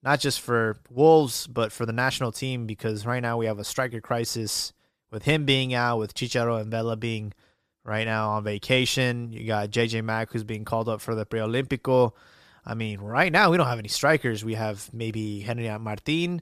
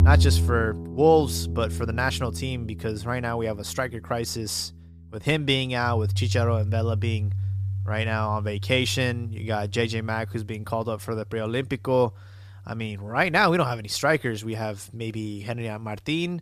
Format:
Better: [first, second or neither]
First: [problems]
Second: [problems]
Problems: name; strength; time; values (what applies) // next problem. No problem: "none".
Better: first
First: none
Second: background music; loud; throughout; 3 dB below the speech